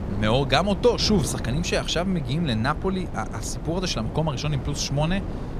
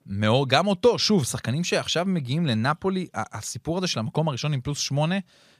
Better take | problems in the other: second | wind noise on the microphone; occasional gusts; 15 dB below the speech

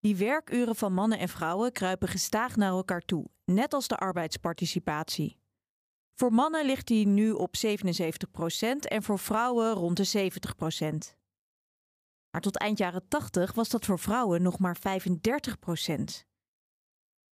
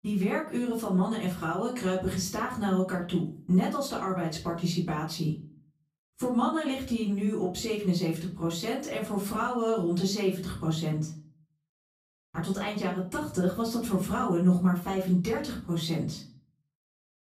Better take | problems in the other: first | off-mic speech; far // room echo; slight; dies away in 0.4 s

